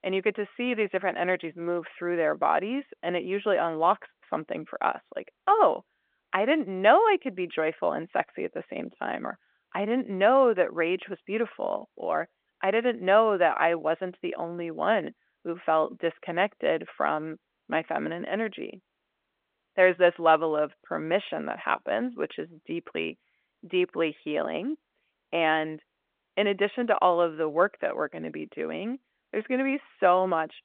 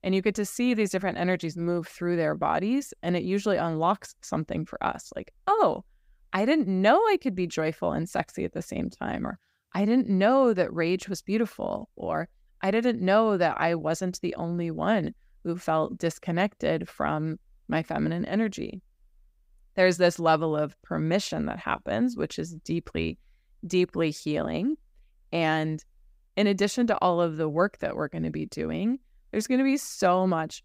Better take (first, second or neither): second